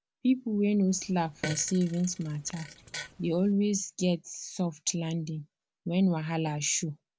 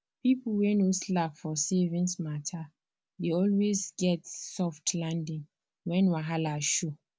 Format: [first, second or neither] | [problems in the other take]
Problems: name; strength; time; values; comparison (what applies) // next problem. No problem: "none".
second | background sound (Fart); 13 dB below the speech